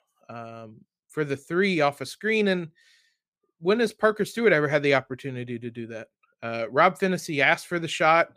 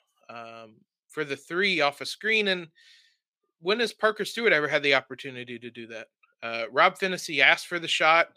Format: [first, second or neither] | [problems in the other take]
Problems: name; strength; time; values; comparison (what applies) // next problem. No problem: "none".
first | thin; very slightly; fading below 400 Hz